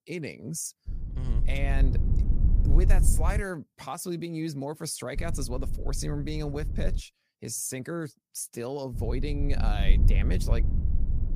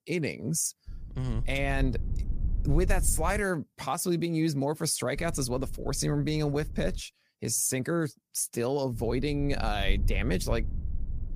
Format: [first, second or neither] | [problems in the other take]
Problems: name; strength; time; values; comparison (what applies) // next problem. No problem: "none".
second | low rumble; loud; from 1 to 3.5 s, from 5 to 7 s and from 9 s on; 9 dB below the speech; faint in the second